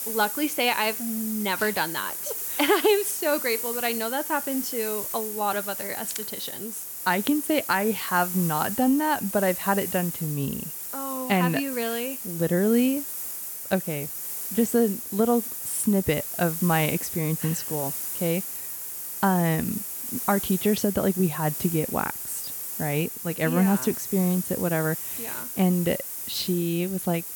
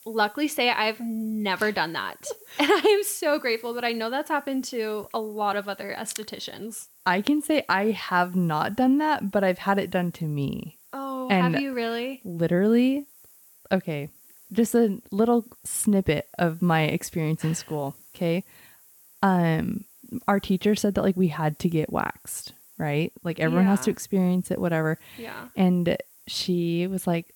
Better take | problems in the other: second | hiss; loud; throughout; 4 dB below the speech; faint in the second

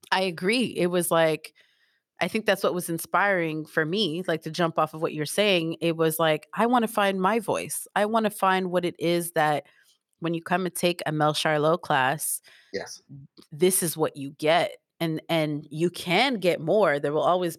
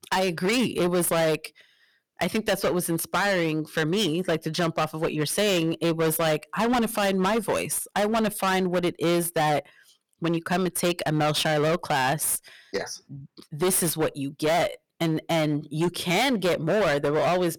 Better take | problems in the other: first | distortion; heavy; 20% of the sound clipped

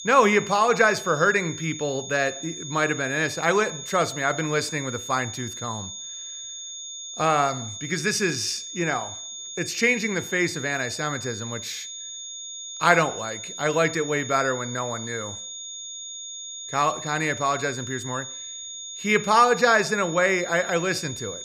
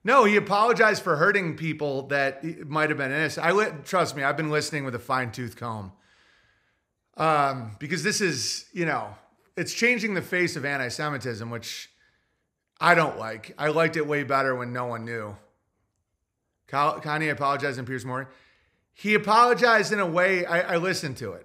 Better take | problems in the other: second | high-pitched whine; loud; throughout; 6.5 kHz, 10 dB below the speech

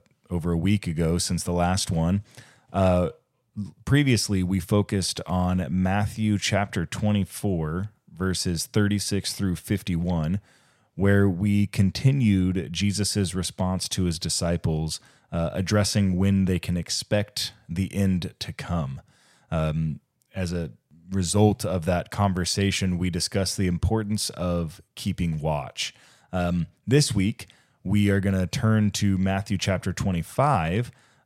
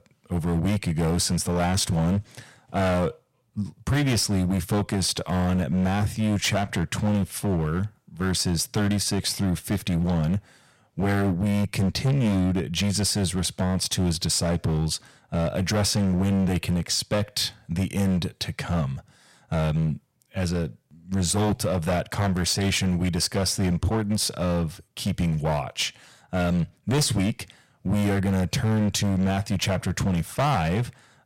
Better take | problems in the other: first | distortion; heavy; 15% of the sound clipped

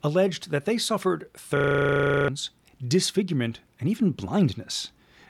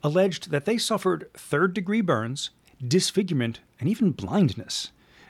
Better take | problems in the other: second | audio freezing; at 1.5 s for 0.5 s

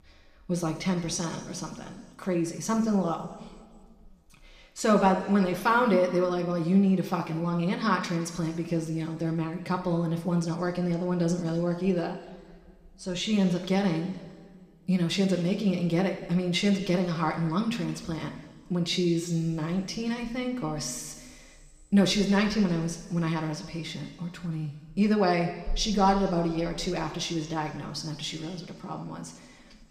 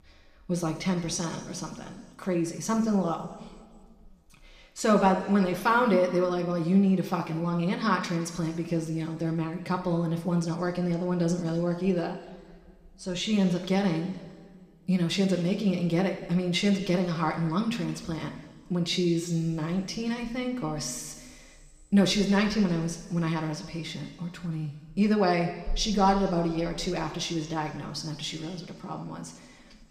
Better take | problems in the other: neither | room echo; slight; dies away in 1.6 s; the same in both // off-mic speech; somewhat distant; the same in both

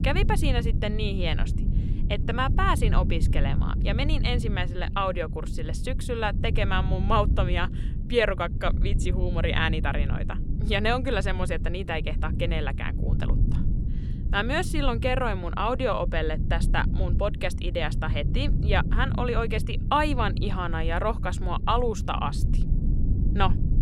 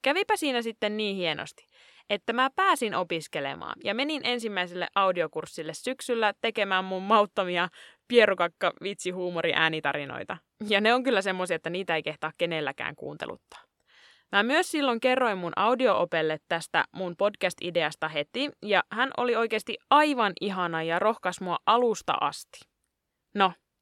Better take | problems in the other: second | low rumble; noticeable; throughout; 15 dB below the speech

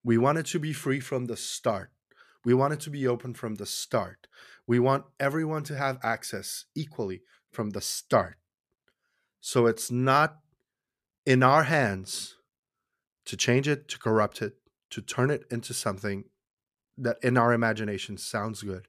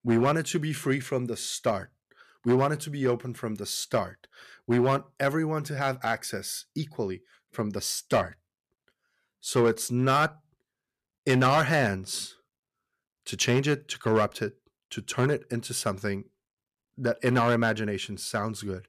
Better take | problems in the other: first | distortion; slight; 2% of the sound clipped

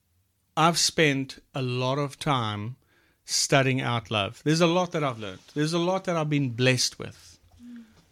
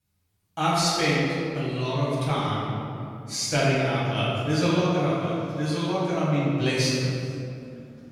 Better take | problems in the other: first | off-mic speech; far // room echo; strong; dies away in 2.4 s

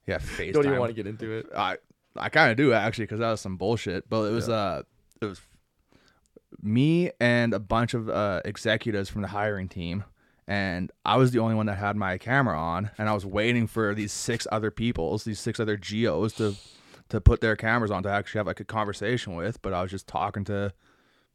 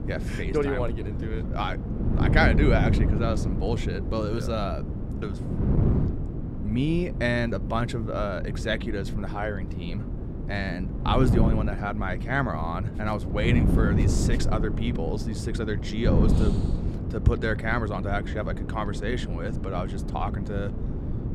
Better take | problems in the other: first | wind noise on the microphone; heavy; 7 dB below the speech

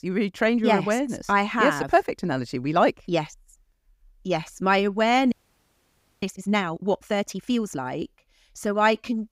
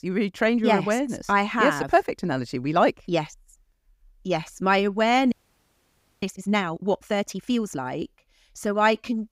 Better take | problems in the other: neither | audio freezing; at 5.5 s for 1 s; the same in both

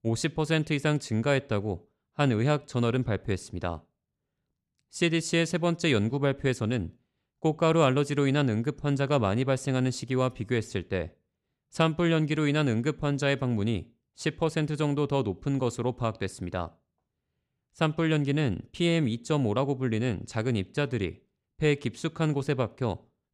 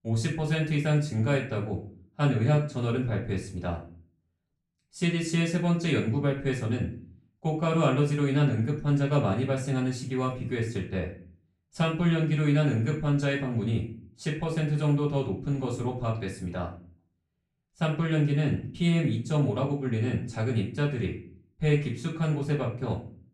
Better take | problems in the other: first | room echo; slight; dies away in 0.4 s // off-mic speech; far

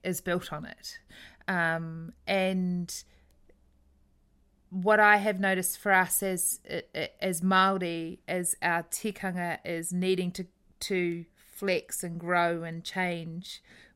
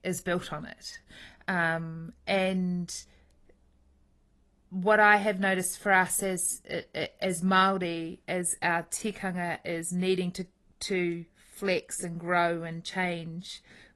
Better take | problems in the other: first | garbled, watery; slightly; nothing above 11.5 kHz

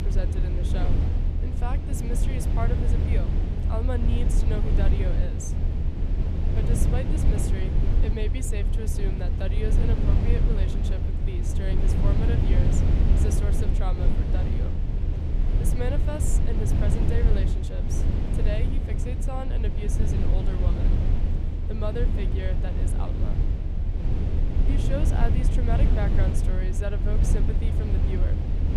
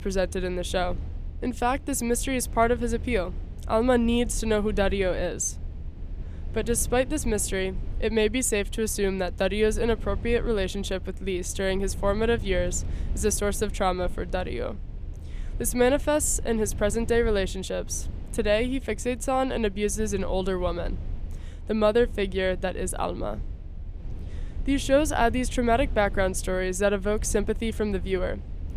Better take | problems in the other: second | low rumble; loud; throughout; 1 dB below the speech; faint in the second

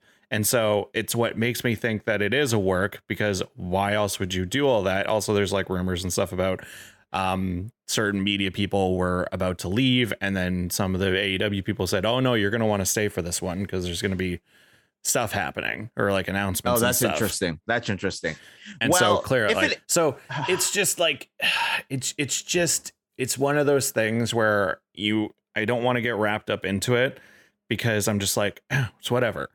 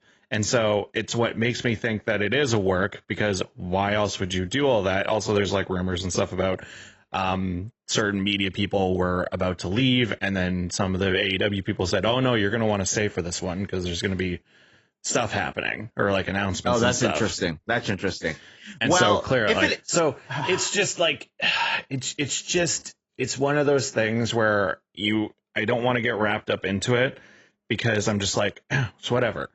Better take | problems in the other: first | garbled, watery; badly; nothing above 8 kHz

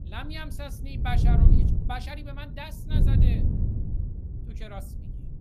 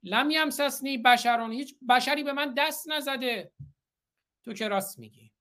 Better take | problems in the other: second | wind noise on the microphone; heavy; as loud as the speech

